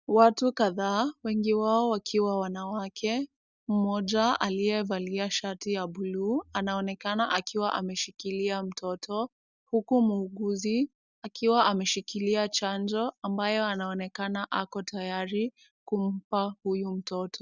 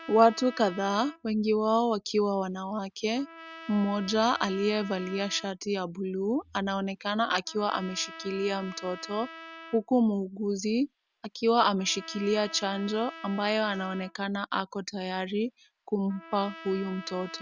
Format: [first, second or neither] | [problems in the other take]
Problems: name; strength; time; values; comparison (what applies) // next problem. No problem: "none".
first | background sound (Trumpet); 18 dB below the speech